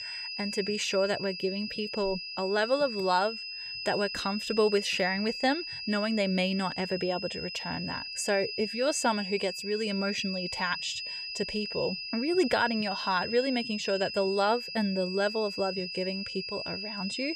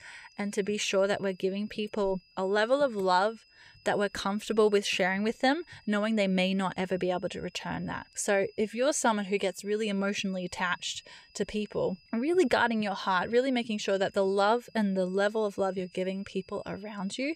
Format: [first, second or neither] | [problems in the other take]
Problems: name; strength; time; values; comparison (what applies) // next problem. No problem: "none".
second | high-pitched whine; loud; throughout; 5 kHz, 5 dB below the speech; faint in the second